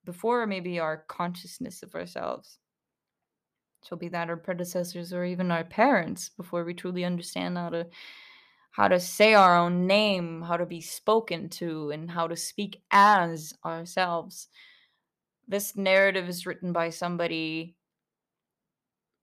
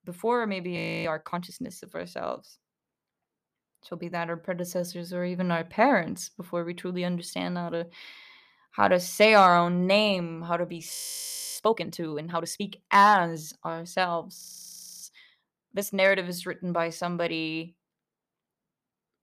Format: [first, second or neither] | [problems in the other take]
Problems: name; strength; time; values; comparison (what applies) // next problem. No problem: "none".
first | audio freezing; at 1 s, at 11 s for 0.5 s and at 14 s for 0.5 s